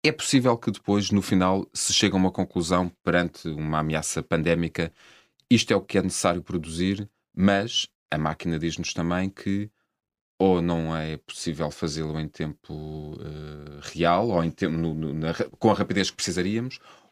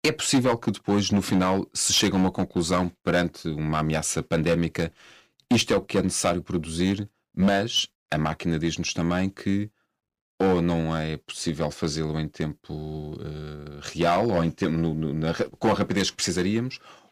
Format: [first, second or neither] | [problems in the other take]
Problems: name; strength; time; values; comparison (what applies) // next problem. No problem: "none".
first | distortion; slight; 4% of the sound clipped